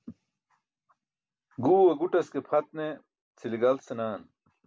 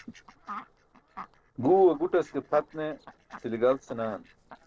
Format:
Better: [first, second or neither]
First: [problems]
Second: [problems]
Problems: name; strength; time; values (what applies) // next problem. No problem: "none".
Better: first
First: none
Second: noise reduction (neural separator model SepFormer DNS4)